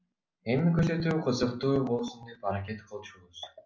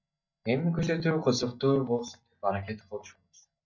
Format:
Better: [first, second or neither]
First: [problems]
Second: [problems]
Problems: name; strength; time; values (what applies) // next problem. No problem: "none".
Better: first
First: none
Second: noise reduction (neural mask model DeepFilterNet 3)